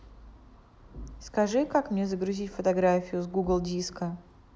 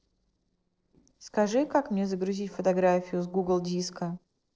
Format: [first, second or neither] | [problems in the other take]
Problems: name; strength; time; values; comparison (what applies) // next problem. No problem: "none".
first | noise reduction (neural separator model SepFormer DNS4)